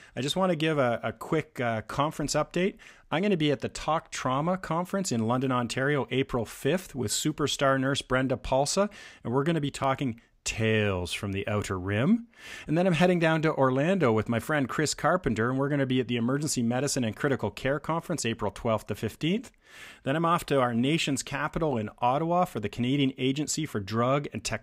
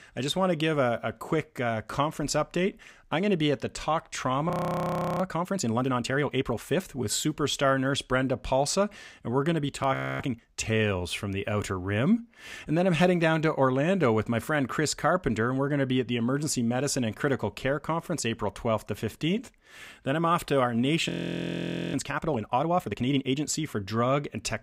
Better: first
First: none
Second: audio freezing; at 4.5 s for 0.5 s, at 10 s and at 21 s for 1 s

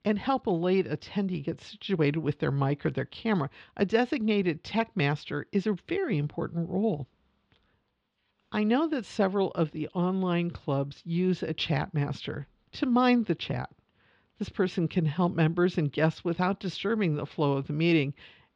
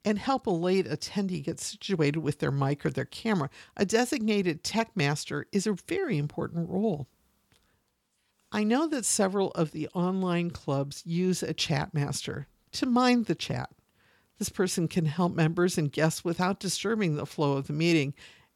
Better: second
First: muffled; slightly; fading above 3.5 kHz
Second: none

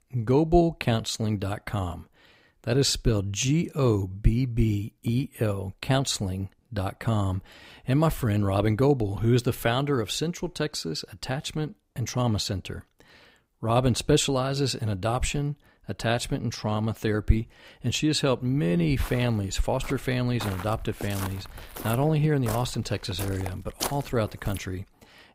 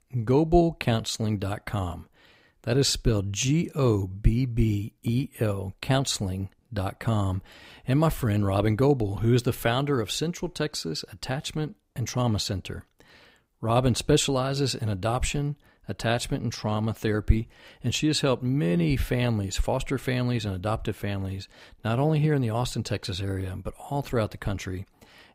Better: second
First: footsteps; noticeable; from 19 to 25 s; peak 5 dB below the speech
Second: none

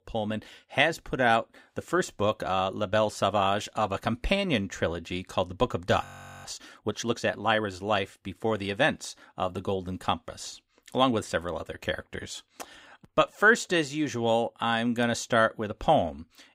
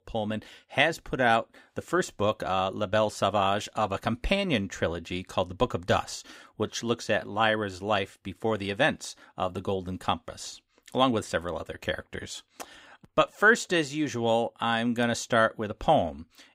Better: second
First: audio freezing; at 6 s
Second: none

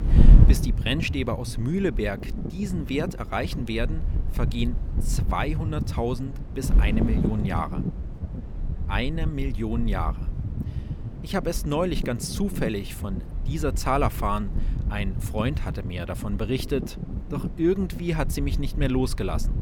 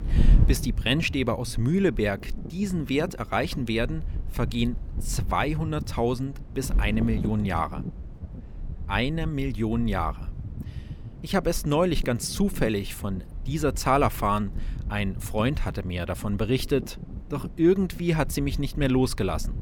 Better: second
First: wind noise on the microphone; heavy; 10 dB below the speech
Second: wind noise on the microphone; occasional gusts; 20 dB below the speech

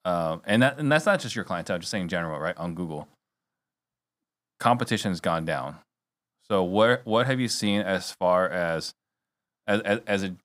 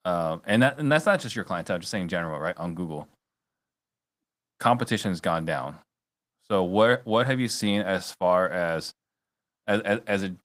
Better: first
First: none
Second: garbled, watery; slightly; nothing above 15.5 kHz

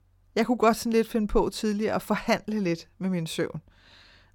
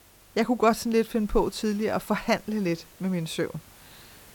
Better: first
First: none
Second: hiss; faint; throughout; 25 dB below the speech

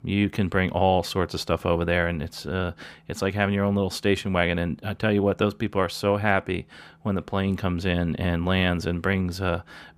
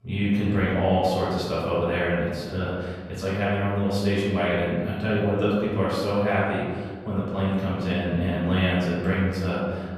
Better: first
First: none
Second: off-mic speech; far // room echo; strong; dies away in 1.6 s

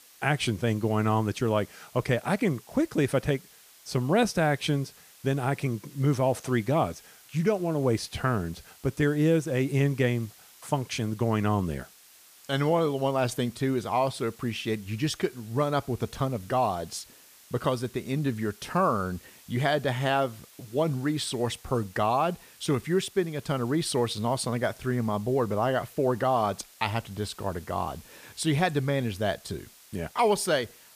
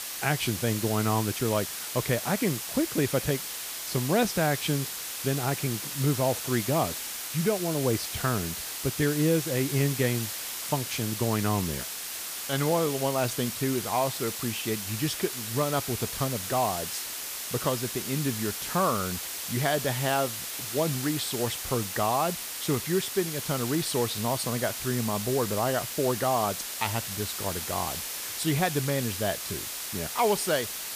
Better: first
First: hiss; faint; throughout; 25 dB below the speech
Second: hiss; loud; throughout; 4 dB below the speech

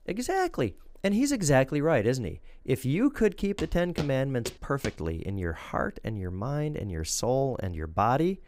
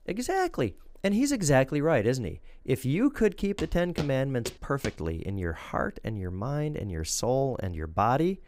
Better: neither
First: footsteps; faint; from 3.5 to 5 s; peak 10 dB below the speech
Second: footsteps; faint; from 3.5 to 5 s; peak 10 dB below the speech

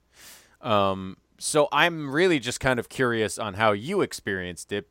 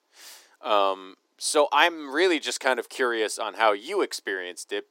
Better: first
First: none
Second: thin; somewhat; fading below 300 Hz

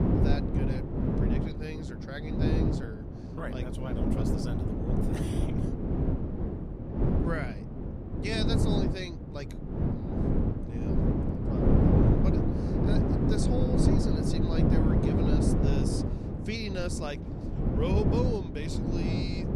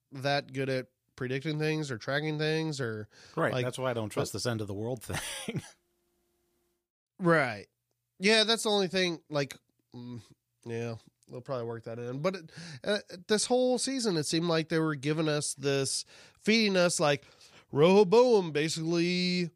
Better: second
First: wind noise on the microphone; heavy; 4 dB above the speech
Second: none

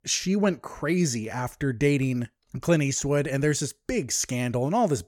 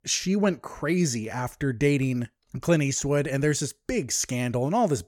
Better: neither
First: none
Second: none

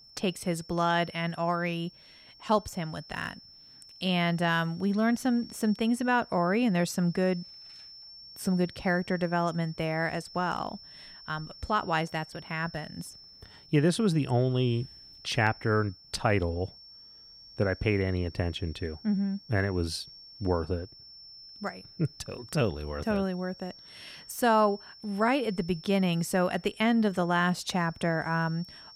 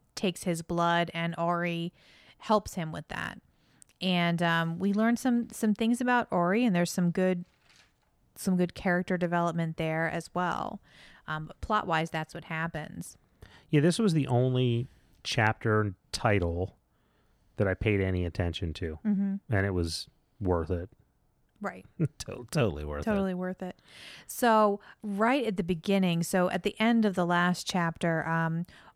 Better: second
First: high-pitched whine; noticeable; throughout; 5.5 kHz, 20 dB below the speech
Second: none

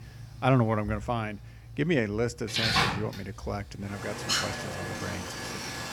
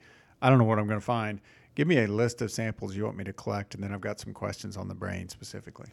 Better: second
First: rain or running water; very loud; throughout; as loud as the speech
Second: none

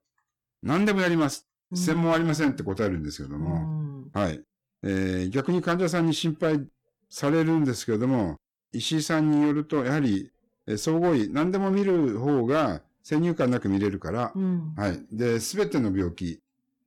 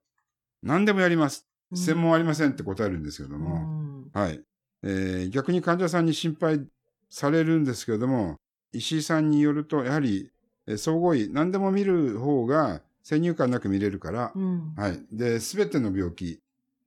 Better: second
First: distortion; slight; 7% of the sound clipped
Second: none

